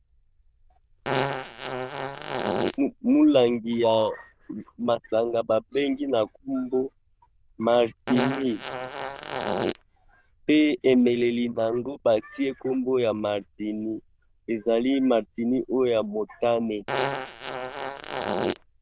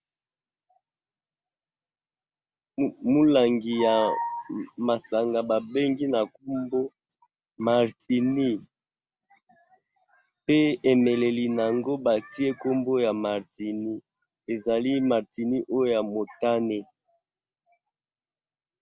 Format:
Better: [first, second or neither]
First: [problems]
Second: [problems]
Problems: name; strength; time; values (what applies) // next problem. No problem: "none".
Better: second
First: noise reduction (neural diffusion model UNIVERSE++)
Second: none